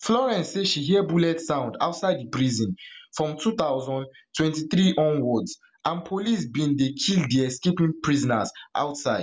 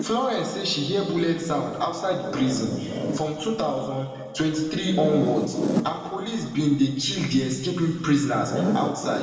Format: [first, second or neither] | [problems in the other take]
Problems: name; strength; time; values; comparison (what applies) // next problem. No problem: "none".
first | background sound (Zipper (clothing)); 7 dB below the speech // room echo; dies away in 2.2 s